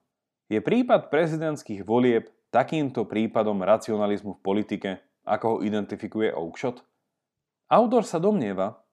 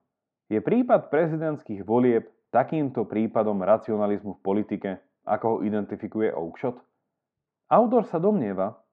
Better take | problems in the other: first | muffled; very; fading above 1.5 kHz

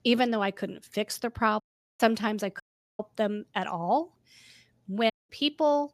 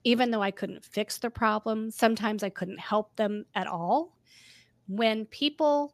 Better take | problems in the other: second | audio cutting out; at 1.5 s, at 2.5 s and at 5 s

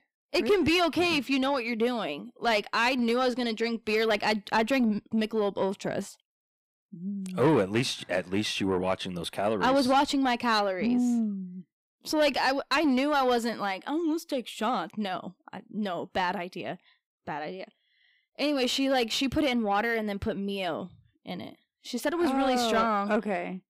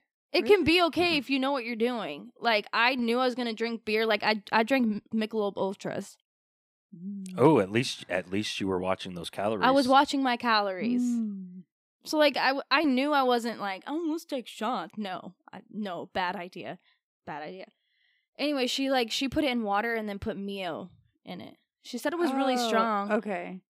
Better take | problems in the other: second | distortion; slight; 10 dB below the speech

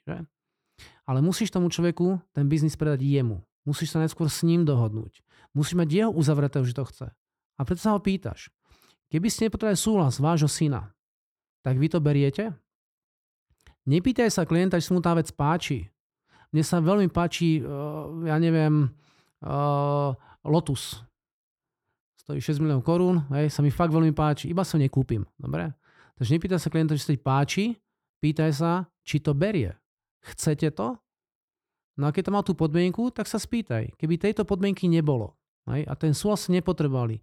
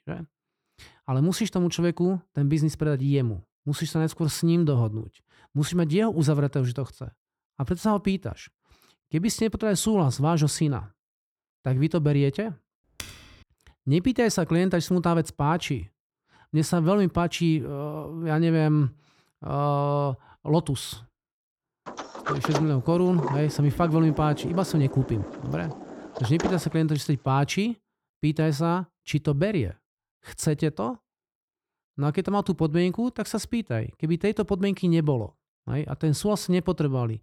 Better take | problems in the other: first | keyboard typing; faint; at 13 s; peak 15 dB below the speech // door banging; noticeable; from 22 to 27 s; peak 3 dB below the speech

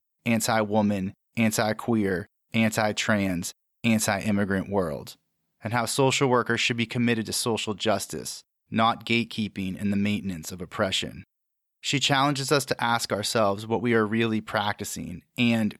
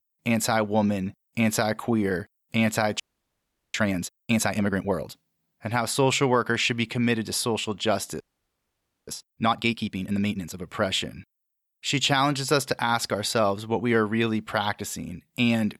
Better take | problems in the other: first | audio freezing; at 3 s for 0.5 s and at 8 s for 1 s

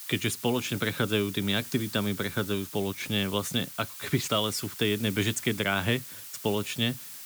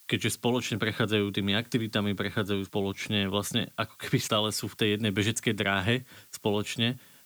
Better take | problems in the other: second | hiss; loud; throughout; 10 dB below the speech; faint in the second

